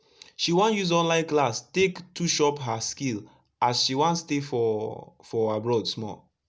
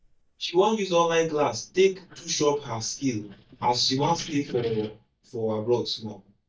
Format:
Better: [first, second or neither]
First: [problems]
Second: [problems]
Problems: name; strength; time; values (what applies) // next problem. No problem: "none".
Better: first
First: none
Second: noise reduction (neural mask model DeepFilterNet 3)